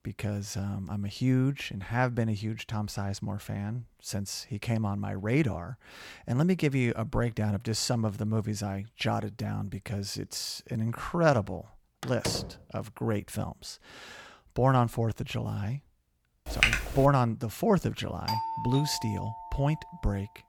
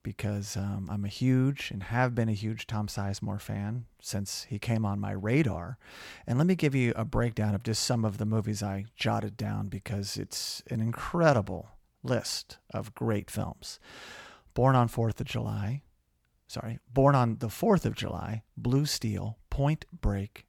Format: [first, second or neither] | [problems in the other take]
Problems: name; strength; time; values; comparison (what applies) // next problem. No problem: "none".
second | door banging; noticeable; at 12 s; peak 5 dB below the speech // keyboard typing; loud; at 16 s; peak 6 dB above the speech // doorbell; noticeable; from 18 to 20 s; peak 2 dB below the speech